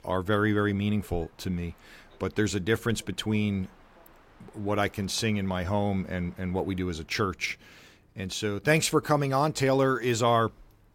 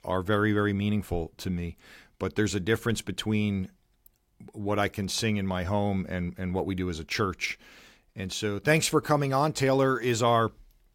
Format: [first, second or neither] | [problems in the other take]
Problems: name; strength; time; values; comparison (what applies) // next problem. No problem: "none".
second | train or aircraft noise; faint; throughout; 30 dB below the speech